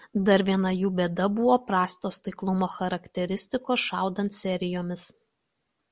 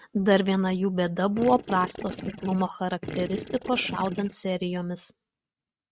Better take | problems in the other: first | noise reduction (neural mask model RNNoise)

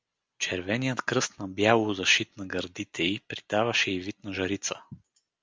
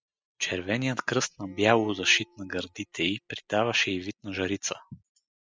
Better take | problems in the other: first | noise reduction (classical method spectral subtraction)

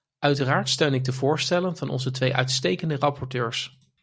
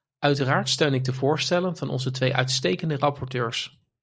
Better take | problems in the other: first | noise reduction (neural mask model Resemble Enhance denoiser)

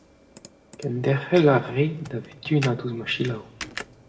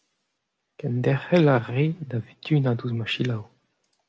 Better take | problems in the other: second | background sound (Computer keyboard); 17 dB below the speech // room echo; dies away in 0.7 s

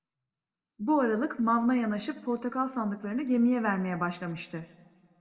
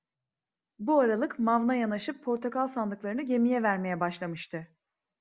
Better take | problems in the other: second | room echo; dies away in 1.3 s

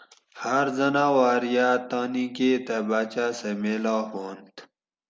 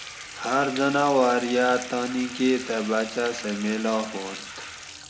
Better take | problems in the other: first | background sound (Bathtub (filling or washing) / Water tap, faucet); 13 dB below the speech

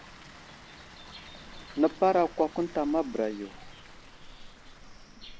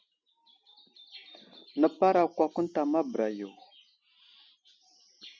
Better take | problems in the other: second | background sound (Water); 16 dB below the speech

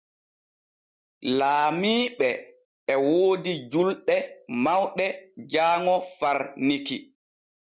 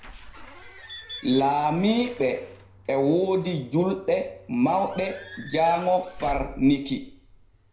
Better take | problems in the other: first | background sound (Squeak / Slam / Alarm / Wood); 17 dB below the speech // room echo; dies away in 0.5 s

